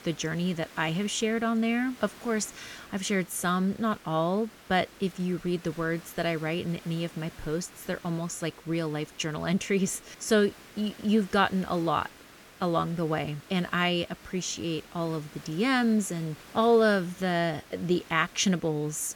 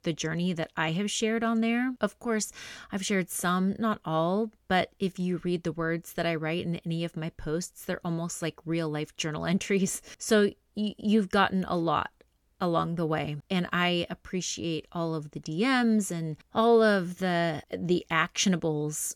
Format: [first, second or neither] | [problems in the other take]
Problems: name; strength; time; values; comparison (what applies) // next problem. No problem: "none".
second | hiss; faint; throughout; 20 dB below the speech